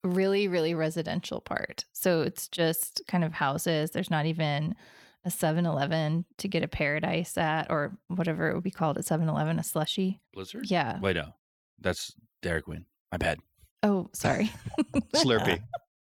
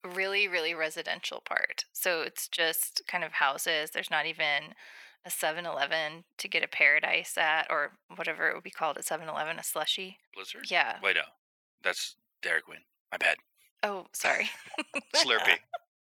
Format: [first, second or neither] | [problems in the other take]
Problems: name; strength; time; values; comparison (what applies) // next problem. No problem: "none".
first | thin; very; fading below 700 Hz